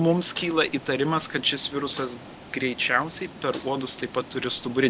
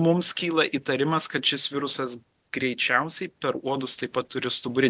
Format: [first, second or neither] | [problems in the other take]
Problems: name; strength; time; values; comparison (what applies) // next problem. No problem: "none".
second | background sound (Snare drum + Water); 16 dB below the speech